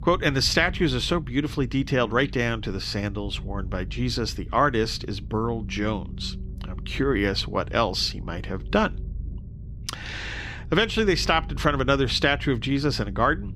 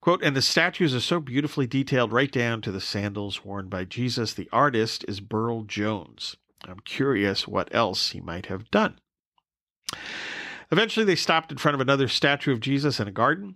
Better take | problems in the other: second | low rumble; faint; throughout; 25 dB below the speech

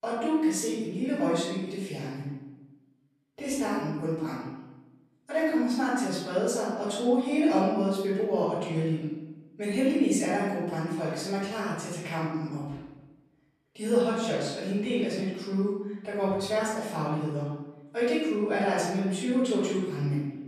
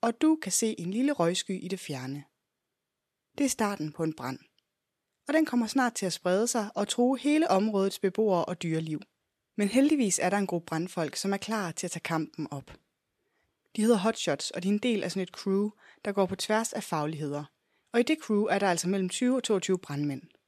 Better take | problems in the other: second | off-mic speech; far // room echo; strong; dies away in 1 s

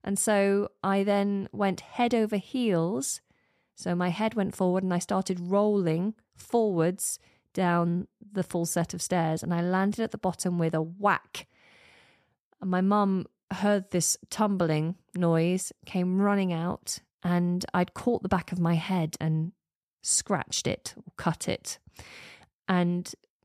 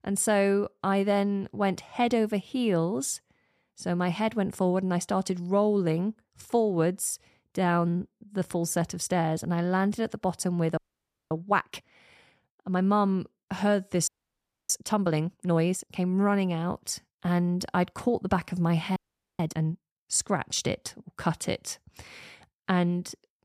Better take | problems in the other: first | audio freezing; at 11 s for 0.5 s, at 14 s for 0.5 s and at 19 s

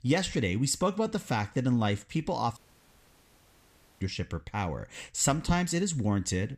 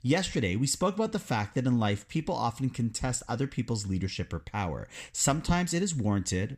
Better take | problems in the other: second | audio cutting out; at 2.5 s for 1.5 s

